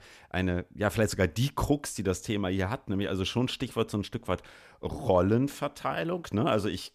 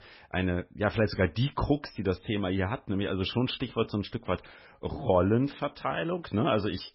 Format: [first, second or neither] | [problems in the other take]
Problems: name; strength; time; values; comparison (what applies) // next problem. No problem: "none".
first | garbled, watery; badly; nothing above 5.5 kHz